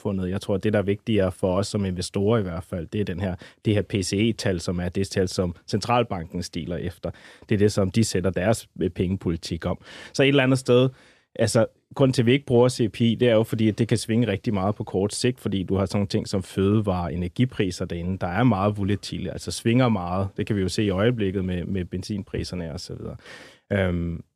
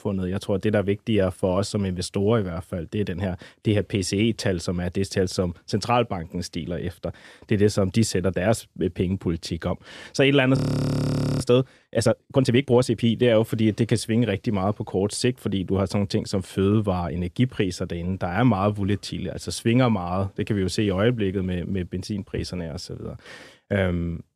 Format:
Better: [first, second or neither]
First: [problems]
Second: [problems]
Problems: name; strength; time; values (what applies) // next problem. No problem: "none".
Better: first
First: none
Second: audio freezing; at 11 s for 1 s